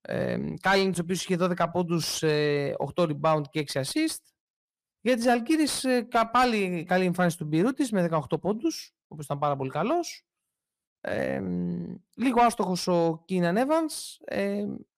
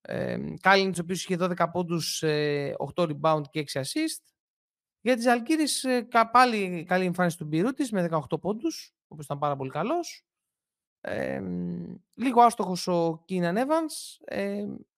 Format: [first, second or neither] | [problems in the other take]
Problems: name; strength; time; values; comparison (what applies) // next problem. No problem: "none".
second | distortion; slight; 10 dB below the speech